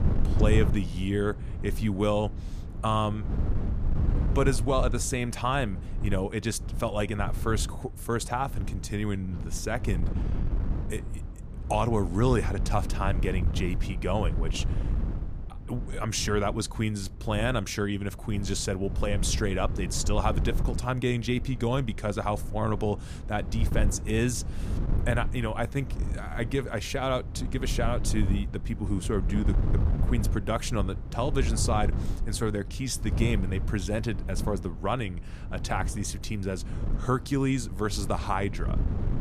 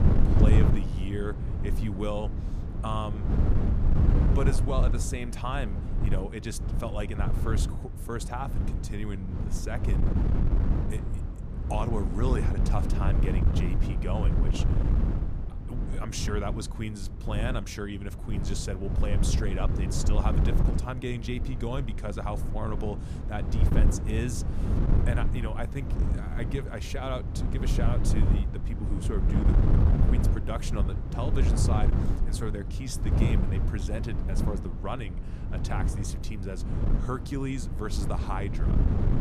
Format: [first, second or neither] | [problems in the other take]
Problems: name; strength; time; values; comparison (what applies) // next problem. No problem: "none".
first | wind noise on the microphone; heavy; 3 dB below the speech; occasional gusts in the first